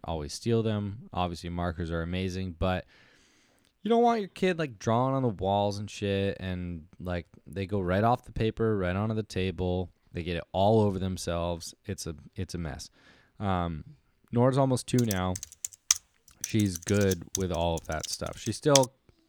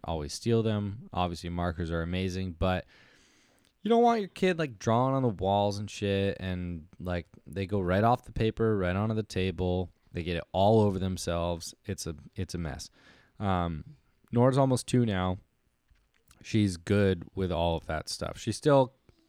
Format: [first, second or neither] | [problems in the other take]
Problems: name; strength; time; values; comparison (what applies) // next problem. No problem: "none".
second | keyboard typing; loud; from 15 s on; peak 3 dB above the speech